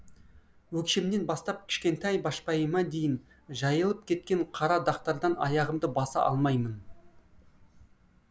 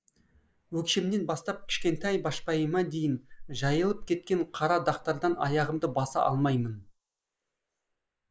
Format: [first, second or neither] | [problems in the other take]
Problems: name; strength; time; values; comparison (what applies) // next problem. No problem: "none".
first | noise reduction (neural mask model Resemble Enhance denoiser)